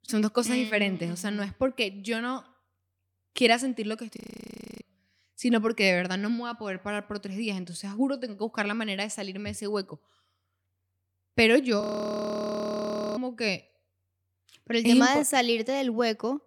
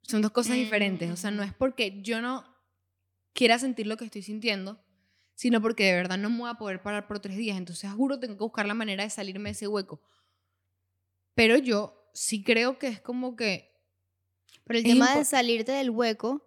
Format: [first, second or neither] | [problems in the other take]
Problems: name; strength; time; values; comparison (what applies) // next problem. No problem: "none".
second | audio freezing; at 4 s for 0.5 s and at 12 s for 1.5 s